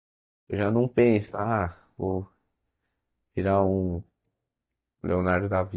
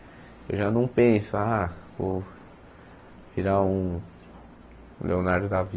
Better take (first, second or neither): second